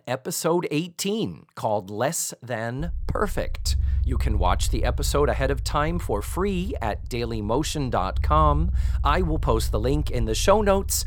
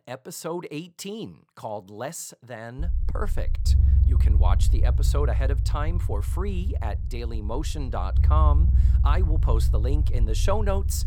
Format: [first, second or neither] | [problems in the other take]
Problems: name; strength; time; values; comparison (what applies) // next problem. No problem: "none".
first | low rumble; loud; from 3 s on; 9 dB below the speech; faint in the first